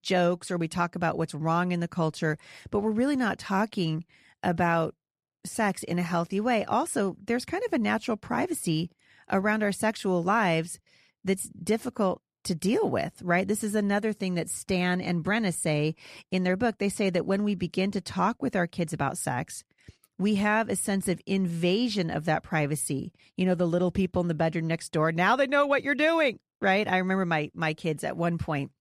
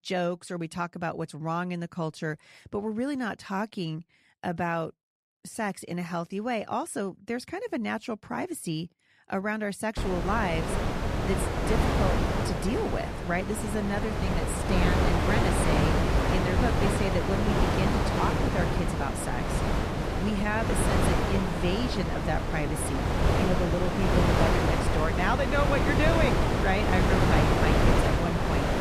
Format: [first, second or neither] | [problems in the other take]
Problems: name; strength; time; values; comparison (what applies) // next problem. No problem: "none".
first | wind noise on the microphone; heavy; from 10 s on; 3 dB above the speech